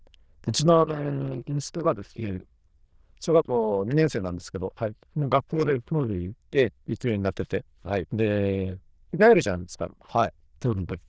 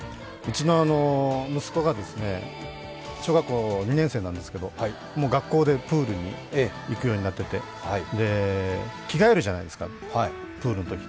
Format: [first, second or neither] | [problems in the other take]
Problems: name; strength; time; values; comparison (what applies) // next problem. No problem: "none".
second | noise reduction (neural diffusion model UNIVERSE++)